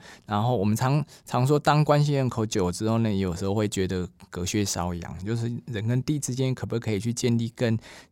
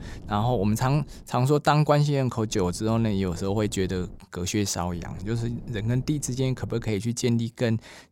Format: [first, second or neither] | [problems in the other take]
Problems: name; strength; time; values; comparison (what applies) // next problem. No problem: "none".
first | wind noise on the microphone; occasional gusts; until 1 s, from 2.5 to 4 s and from 5 to 7 s; 25 dB below the speech